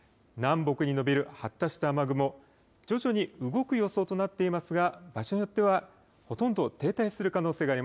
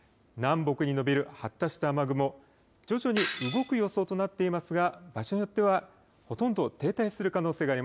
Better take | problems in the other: first | background sound (Shatter); 11 dB below the speech

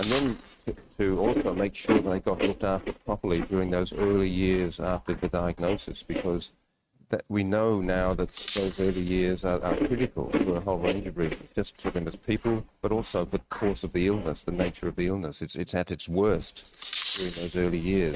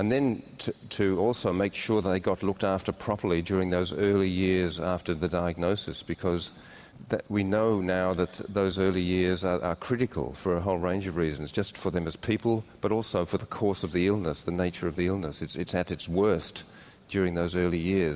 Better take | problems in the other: second | noise reduction (neural mask model RNNoise)

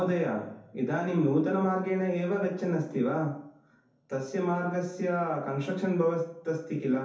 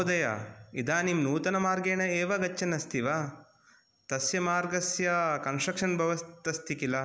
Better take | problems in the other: second | room echo; dies away in 0.5 s

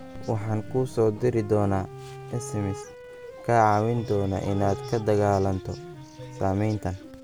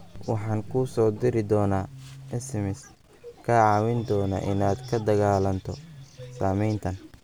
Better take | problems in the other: second | background sound (Wind instrument, woodwind instrument); 17 dB below the speech

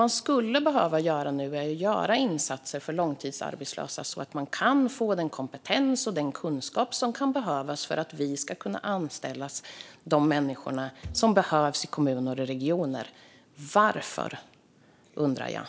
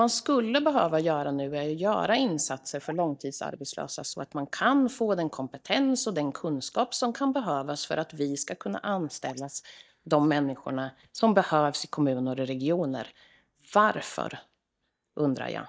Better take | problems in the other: first | noise reduction (neural mask model DeepFilterNet 3)

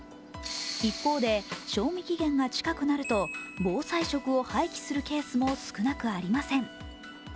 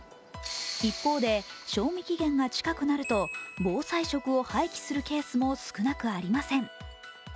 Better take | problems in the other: second | background sound (Subway, metro, underground / Train + Snare drum); 17 dB below the speech

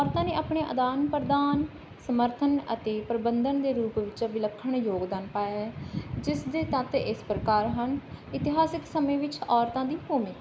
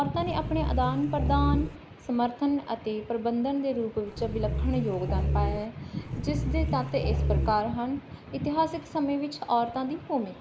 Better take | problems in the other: first | background sound (Growling); as loud as the speech

